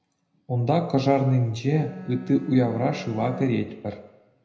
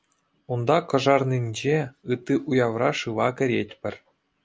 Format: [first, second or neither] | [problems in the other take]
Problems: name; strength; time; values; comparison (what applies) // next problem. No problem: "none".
second | background sound (Bowed string instrument); 16 dB below the speech // room echo; dies away in 0.8 s